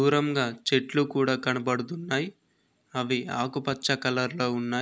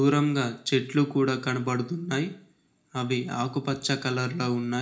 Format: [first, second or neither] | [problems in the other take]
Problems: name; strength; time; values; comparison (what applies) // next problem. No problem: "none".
first | room echo; dies away in 0.4 s